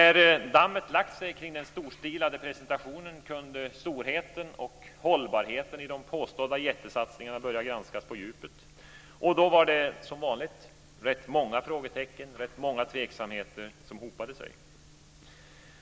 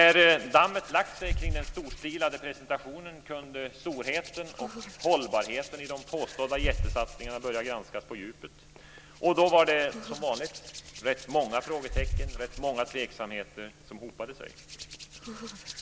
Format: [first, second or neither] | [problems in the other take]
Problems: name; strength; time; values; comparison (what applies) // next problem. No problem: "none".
first | background sound (Hands); 9 dB below the speech